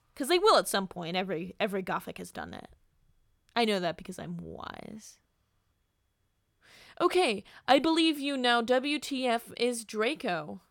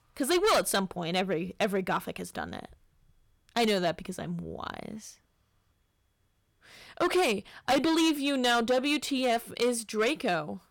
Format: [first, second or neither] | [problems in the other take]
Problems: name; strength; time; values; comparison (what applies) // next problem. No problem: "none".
first | distortion; heavy; 6% of the sound clipped